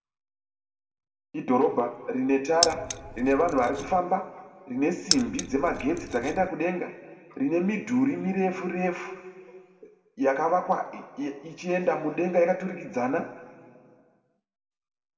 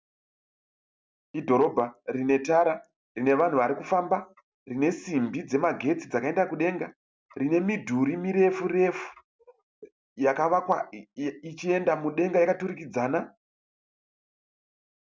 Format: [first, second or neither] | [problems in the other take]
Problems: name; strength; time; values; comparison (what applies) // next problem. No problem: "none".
second | background sound (Keys jangling); 5 dB below the speech // room echo; dies away in 1.7 s